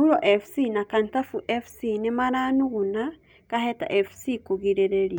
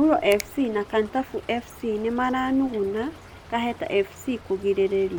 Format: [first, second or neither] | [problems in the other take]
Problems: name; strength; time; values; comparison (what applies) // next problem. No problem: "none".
first | background sound (Stream / Trickle, dribble + Finger snapping); 19 dB below the speech